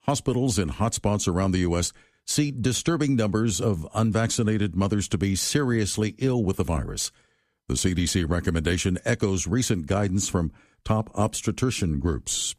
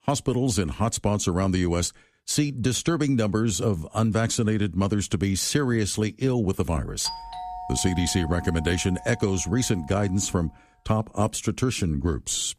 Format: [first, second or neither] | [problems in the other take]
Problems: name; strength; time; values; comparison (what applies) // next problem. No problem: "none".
first | doorbell; noticeable; from 7 to 10 s; peak 7 dB below the speech